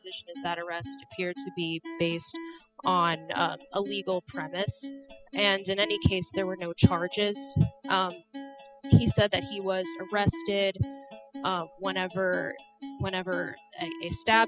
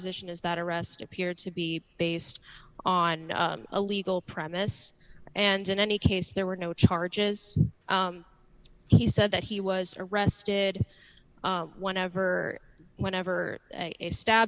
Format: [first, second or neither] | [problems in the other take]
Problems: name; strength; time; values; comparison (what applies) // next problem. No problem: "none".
second | noise reduction (classical method spectral subtraction)